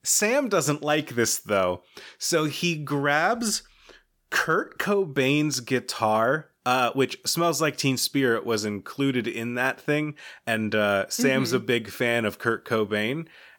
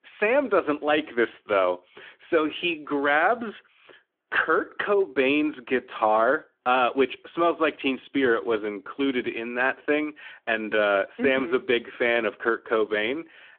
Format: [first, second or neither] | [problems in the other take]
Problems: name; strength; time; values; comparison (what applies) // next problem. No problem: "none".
first | phone-call audio; nothing above 3.5 kHz